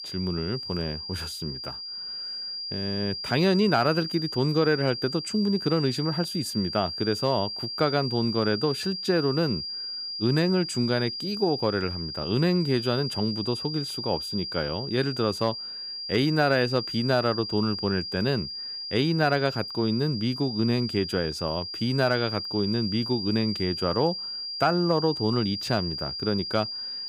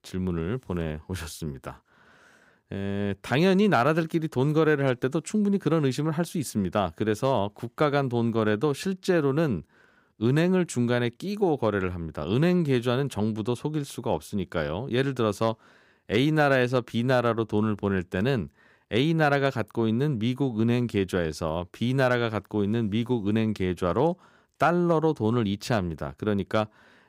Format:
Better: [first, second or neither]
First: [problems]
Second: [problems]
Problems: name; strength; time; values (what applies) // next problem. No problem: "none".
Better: second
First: high-pitched whine; loud; throughout; 5 kHz, 5 dB below the speech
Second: none